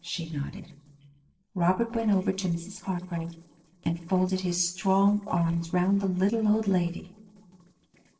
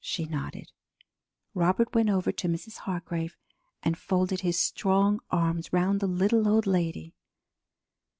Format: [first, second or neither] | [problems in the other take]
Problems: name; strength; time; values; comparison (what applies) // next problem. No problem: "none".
second | noise reduction (neural separator model SepFormer DNS4)